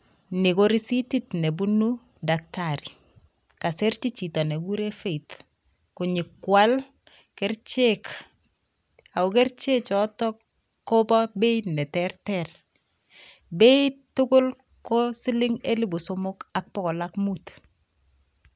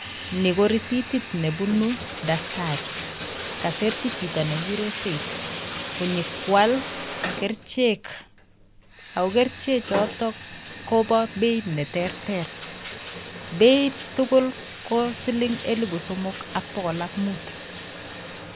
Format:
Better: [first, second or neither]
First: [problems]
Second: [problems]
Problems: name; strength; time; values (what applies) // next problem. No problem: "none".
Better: first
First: none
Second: background sound (Bathtub (filling or washing)); 10 dB below the speech